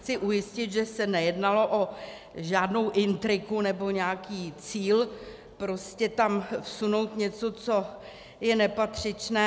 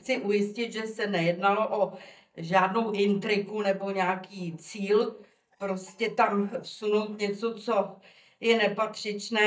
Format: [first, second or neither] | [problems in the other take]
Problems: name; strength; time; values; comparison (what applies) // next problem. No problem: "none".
first | noise reduction (neural mask model DeepFilterNet 3)